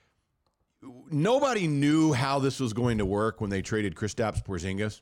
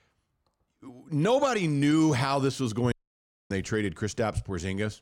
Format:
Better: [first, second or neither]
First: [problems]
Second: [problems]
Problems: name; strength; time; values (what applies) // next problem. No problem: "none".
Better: first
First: none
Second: audio cutting out; at 3 s for 0.5 s